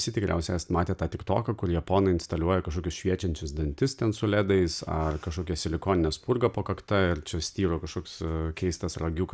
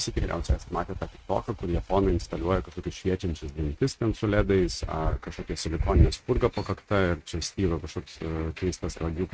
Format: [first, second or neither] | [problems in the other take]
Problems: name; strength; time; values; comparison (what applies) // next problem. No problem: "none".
first | noise reduction (neural mask model RNNoise)